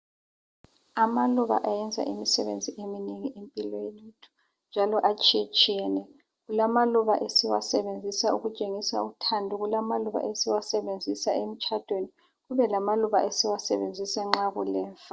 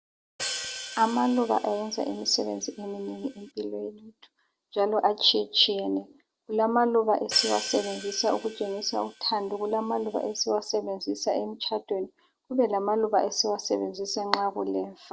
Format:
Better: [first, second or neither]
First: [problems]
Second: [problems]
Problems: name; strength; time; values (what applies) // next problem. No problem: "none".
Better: first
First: none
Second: background sound (Hi-hat); 12 dB below the speech